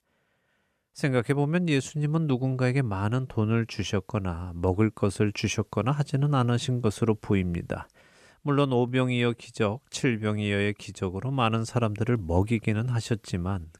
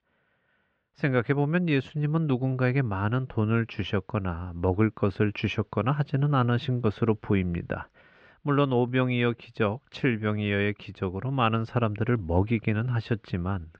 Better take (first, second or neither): first